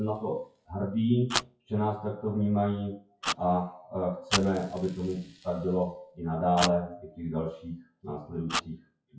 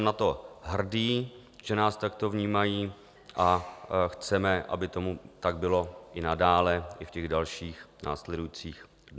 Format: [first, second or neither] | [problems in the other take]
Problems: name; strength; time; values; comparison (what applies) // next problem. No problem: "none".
second | noise reduction (classical method WPE with log-MMSE)